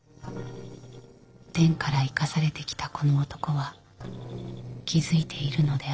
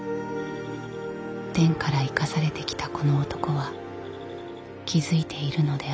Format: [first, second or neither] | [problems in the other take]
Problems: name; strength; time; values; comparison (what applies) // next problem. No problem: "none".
second | noise reduction (neural separator model SepFormer DNS4)